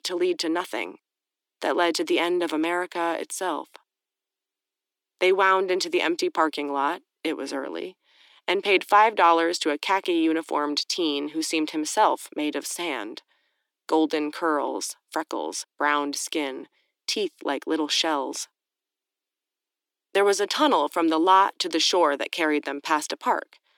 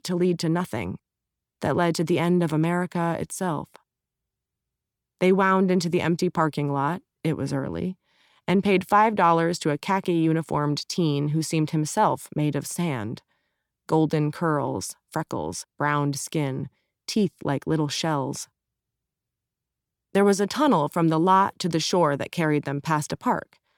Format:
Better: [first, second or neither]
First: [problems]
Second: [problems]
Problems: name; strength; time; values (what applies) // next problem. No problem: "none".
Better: second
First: thin; somewhat; fading below 300 Hz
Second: none